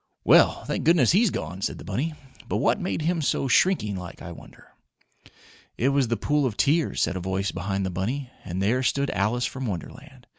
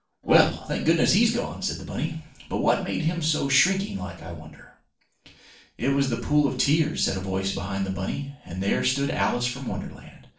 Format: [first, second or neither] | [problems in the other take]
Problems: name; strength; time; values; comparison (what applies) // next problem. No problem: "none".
first | noise reduction (neural separator model SepFormer DNS4)